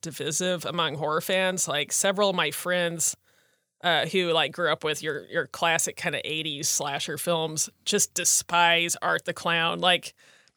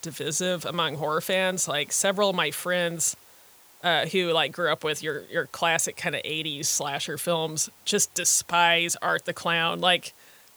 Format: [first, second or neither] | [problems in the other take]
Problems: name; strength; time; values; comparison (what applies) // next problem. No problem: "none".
first | hiss; faint; throughout; 25 dB below the speech